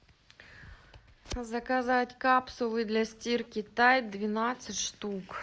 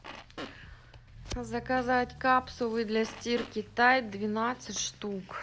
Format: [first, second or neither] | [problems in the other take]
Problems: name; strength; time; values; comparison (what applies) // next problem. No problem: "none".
first | background sound (Fart + Accelerating, revving, vroom / Motor vehicle (road)); 17 dB below the speech